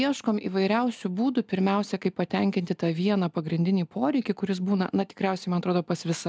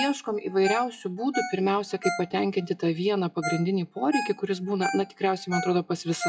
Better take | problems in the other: first | noise reduction (classical method WPE with log-MMSE)

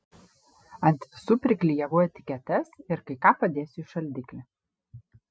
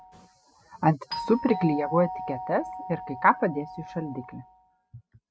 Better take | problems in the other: first | background sound (Doorbell); 10 dB below the speech

